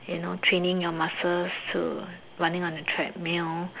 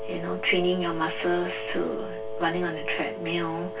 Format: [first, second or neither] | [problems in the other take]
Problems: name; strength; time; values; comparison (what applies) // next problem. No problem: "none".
first | background sound (Wind instrument, woodwind instrument); 7 dB below the speech // room echo; dies away in 0.2 s